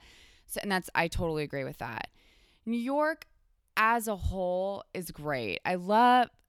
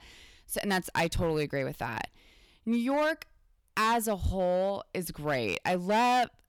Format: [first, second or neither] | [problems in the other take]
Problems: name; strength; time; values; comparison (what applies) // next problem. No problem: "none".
first | distortion; heavy; 8% of the sound clipped